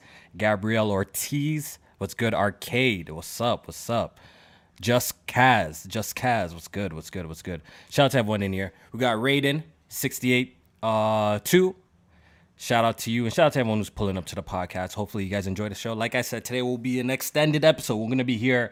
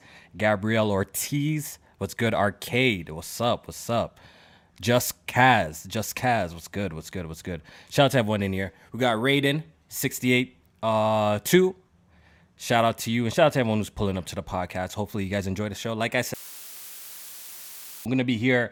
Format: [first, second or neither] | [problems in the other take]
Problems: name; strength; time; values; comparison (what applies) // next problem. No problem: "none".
first | audio cutting out; filled with static; at 16 s for 1.5 s